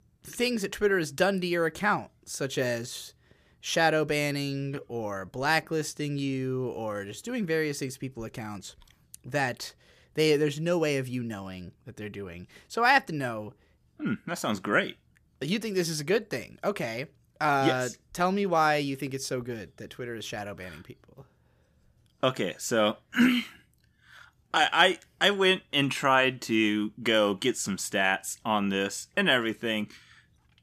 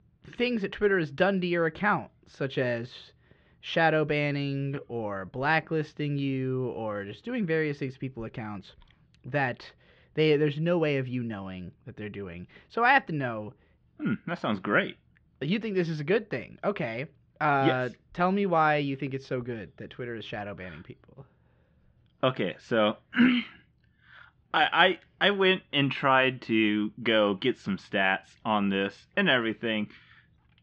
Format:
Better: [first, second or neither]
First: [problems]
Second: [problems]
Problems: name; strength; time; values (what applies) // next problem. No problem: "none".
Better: first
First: none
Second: muffled; slightly; fading above 3.5 kHz